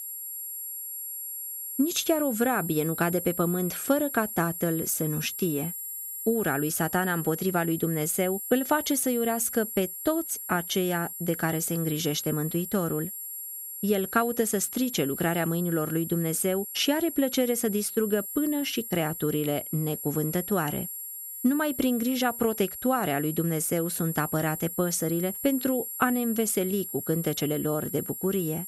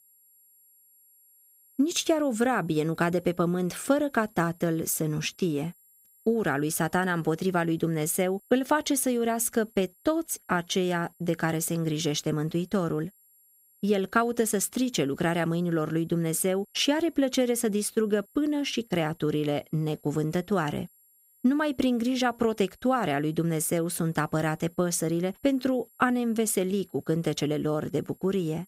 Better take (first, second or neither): second